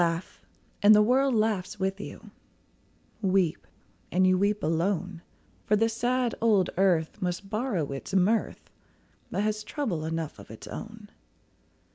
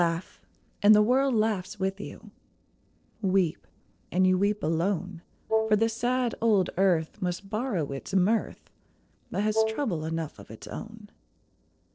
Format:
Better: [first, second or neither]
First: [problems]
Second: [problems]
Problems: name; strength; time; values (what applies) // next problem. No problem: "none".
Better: first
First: none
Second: noise reduction (neural separator model SepFormer DNS4)